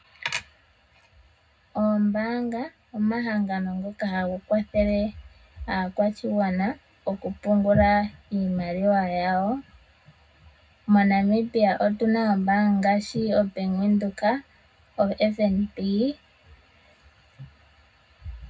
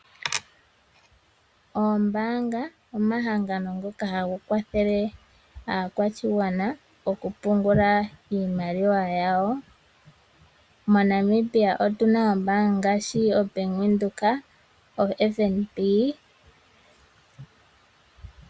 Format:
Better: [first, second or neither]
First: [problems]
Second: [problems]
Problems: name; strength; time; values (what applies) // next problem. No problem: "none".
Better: second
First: room echo; dies away in 0.3 s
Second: none